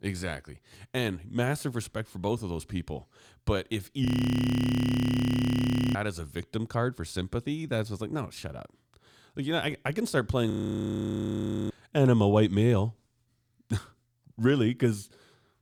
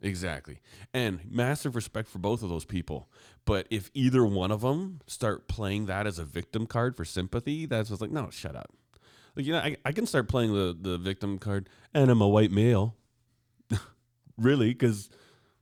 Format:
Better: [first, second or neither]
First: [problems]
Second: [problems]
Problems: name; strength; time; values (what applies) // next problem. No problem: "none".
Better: second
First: audio freezing; at 4 s for 2 s and at 11 s for 1 s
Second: none